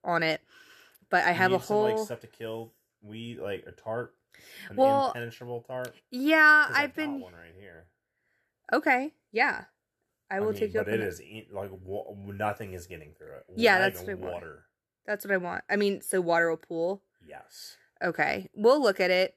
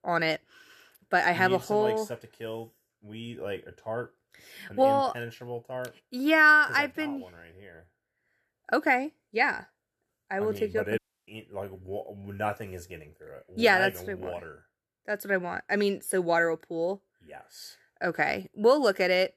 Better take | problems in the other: first | audio cutting out; at 11 s

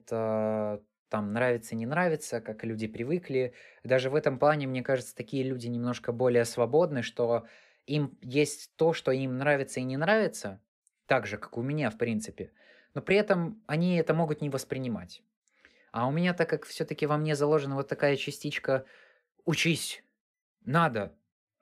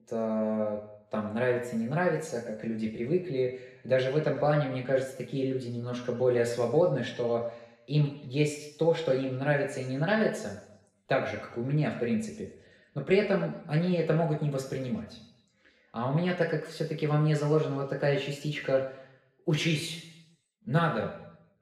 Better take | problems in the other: first | room echo; noticeable; dies away in 0.8 s // off-mic speech; somewhat distant

